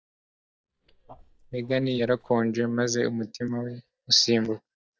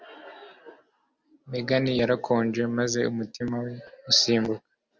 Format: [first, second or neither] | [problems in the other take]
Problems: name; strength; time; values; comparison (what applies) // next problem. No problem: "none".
second | noise reduction (neural mask model DeepFilterNet 3)